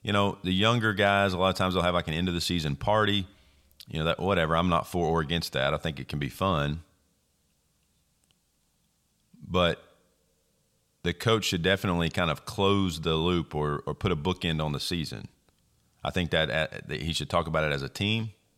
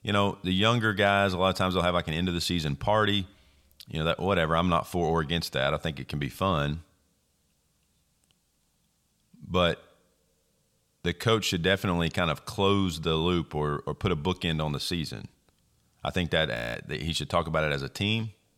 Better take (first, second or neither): first